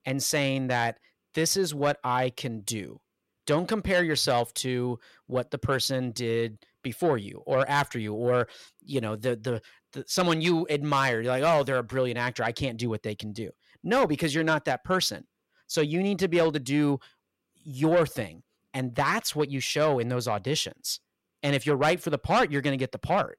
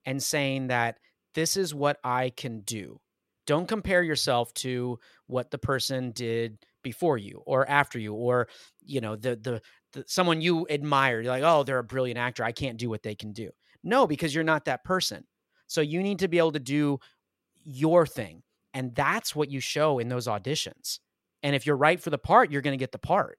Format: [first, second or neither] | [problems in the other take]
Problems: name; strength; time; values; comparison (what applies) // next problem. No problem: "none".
second | distortion; slight; 10 dB below the speech